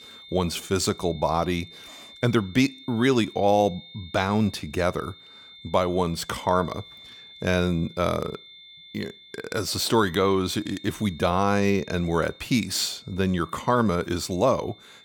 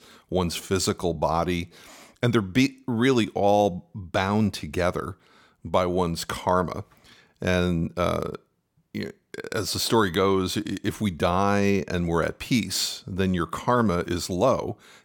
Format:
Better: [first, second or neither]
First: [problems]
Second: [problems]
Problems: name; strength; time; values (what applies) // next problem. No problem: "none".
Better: second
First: high-pitched whine; faint; throughout; 3.5 kHz, 20 dB below the speech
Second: none